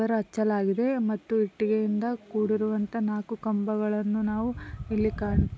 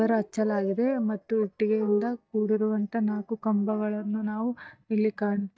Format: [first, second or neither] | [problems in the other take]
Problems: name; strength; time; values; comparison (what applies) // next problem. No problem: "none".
first | noise reduction (neural mask model DeepFilterNet 3)